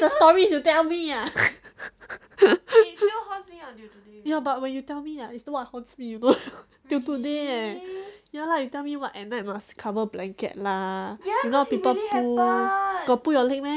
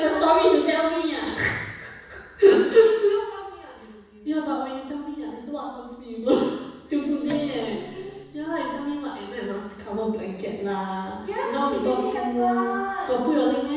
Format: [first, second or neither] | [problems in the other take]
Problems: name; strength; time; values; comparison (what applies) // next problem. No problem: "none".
first | background sound (Guitar); 16 dB below the speech // room echo; dies away in 1.1 s